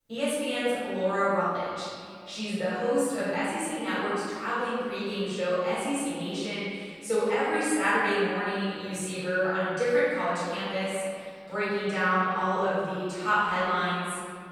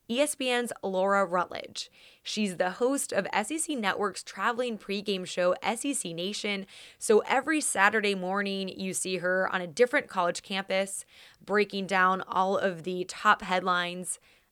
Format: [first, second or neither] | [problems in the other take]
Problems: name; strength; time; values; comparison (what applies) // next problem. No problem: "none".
second | off-mic speech; far // room echo; strong; dies away in 2.2 s